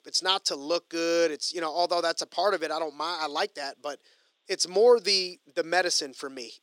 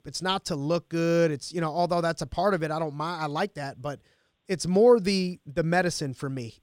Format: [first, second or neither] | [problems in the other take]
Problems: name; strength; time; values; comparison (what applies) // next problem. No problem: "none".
second | thin; very; fading below 350 Hz